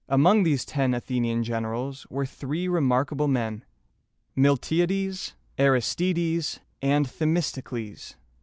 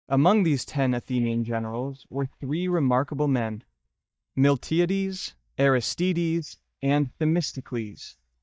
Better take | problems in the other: first | noise reduction (neural mask model DeepFilterNet 3)

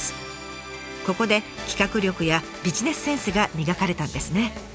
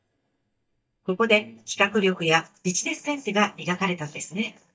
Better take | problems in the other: first | noise reduction (neural mask model DeepFilterNet 3)

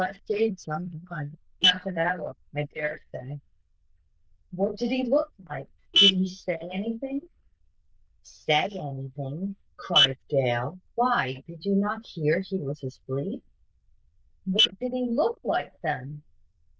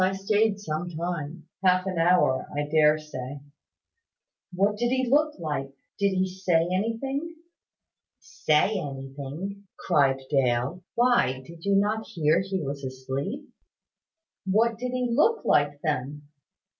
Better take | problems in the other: second | noise reduction (neural diffusion model UNIVERSE++)

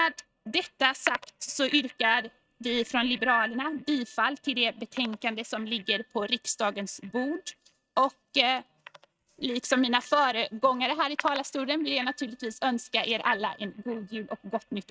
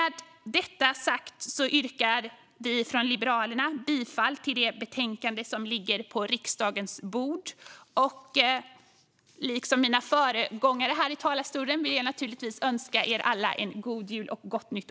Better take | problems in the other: second | noise reduction (neural mask model RNNoise)

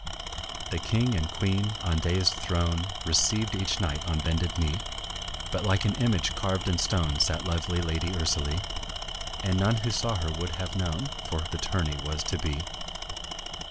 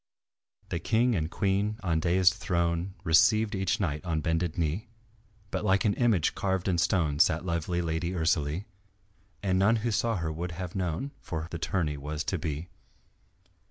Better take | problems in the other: second | background sound (Tools); 6 dB below the speech

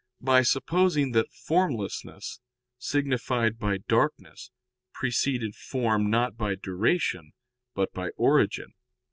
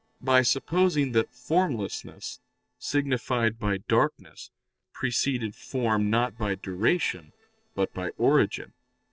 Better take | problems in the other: first | noise reduction (neural separator model SepFormer DNS4)

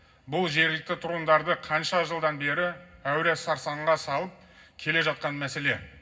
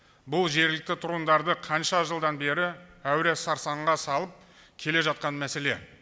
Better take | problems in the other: second | room echo; dies away in 0.4 s

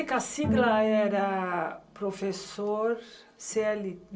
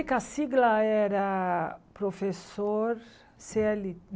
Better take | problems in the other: second | background sound (Bowed string instrument); 5 dB below the speech // room echo; dies away in 0.2 s

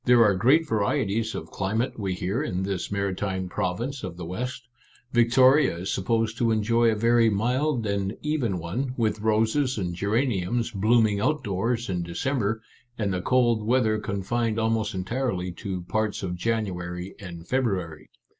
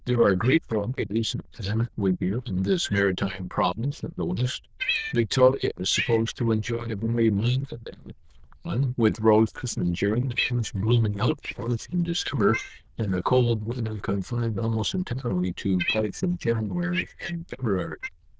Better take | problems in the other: first | noise reduction (neural diffusion model UNIVERSE++)

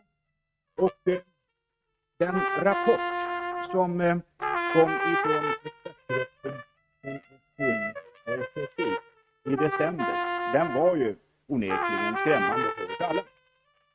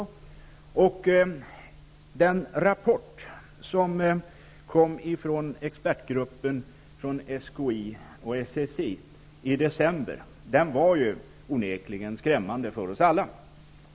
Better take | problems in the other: second | noise reduction (neural mask model RNNoise)

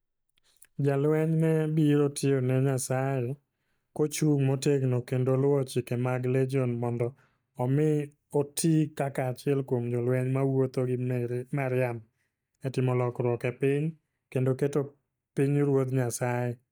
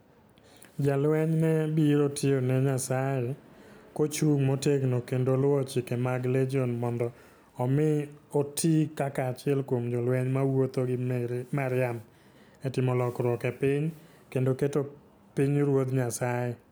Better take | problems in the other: second | noise reduction (neural mask model DeepFilterNet 3)

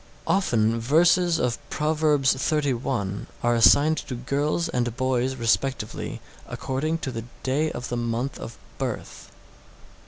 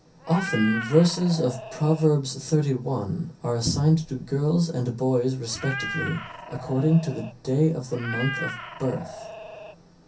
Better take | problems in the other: first | background sound (Meow); 11 dB below the speech // room echo; dies away in 0.3 s

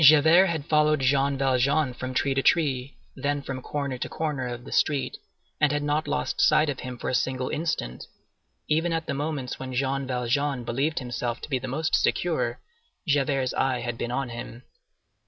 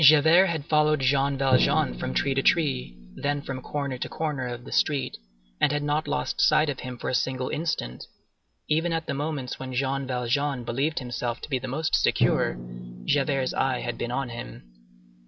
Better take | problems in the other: first | background sound (Drum); 10 dB below the speech

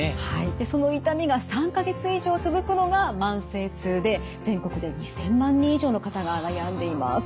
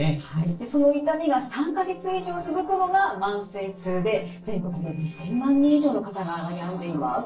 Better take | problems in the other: first | noise reduction (neural separator model SepFormer DNS4)

